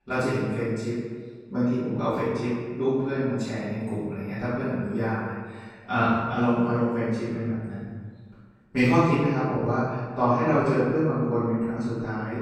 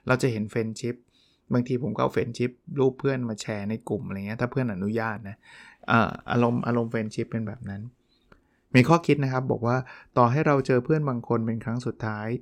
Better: second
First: off-mic speech; far // room echo; strong; dies away in 1.4 s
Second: none

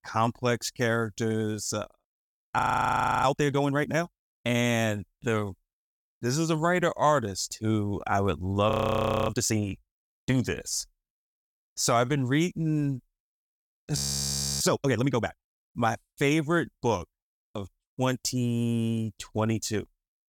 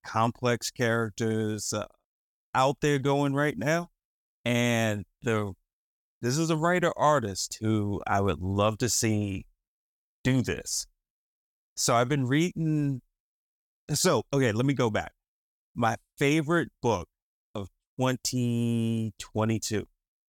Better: second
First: audio freezing; at 2.5 s for 0.5 s, at 8.5 s for 0.5 s and at 14 s for 0.5 s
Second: none

